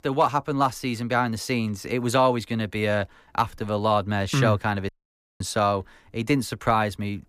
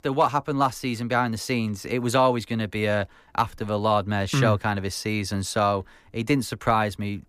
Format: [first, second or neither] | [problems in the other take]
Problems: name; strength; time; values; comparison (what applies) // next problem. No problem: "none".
second | audio cutting out; at 5 s for 0.5 s